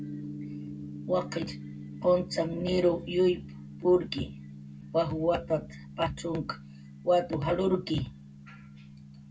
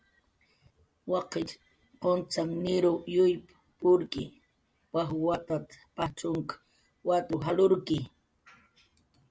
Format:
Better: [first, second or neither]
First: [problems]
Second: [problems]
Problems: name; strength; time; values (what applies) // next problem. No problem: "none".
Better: second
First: background sound (Gong); 13 dB below the speech // room echo; dies away in 0.3 s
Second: none